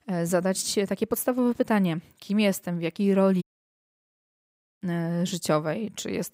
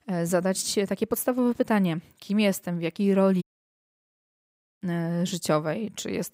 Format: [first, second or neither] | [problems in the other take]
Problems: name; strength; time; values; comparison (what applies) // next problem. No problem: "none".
neither | audio cutting out; at 3.5 s for 1.5 s; the same in both